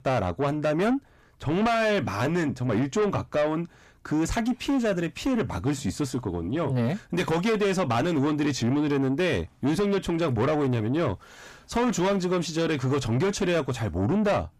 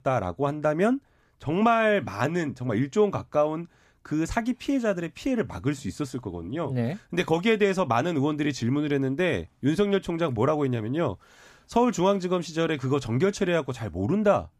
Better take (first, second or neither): second